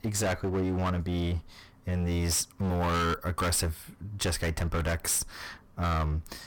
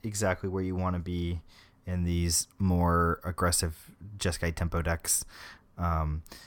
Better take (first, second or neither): second